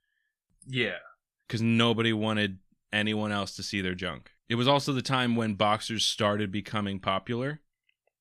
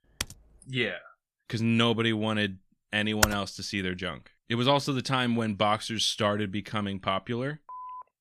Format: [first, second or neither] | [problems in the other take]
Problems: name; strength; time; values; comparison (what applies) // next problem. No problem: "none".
first | keyboard typing; noticeable; at the start; peak 8 dB below the speech // keyboard typing; very faint; at 3 s; peak 1 dB above the speech // phone ringing; faint; at 7.5 s; peak 15 dB below the speech